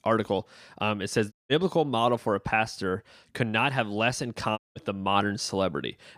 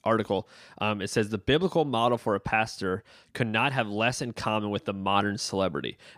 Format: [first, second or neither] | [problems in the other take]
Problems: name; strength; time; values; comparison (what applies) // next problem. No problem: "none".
second | audio cutting out; at 1.5 s and at 4.5 s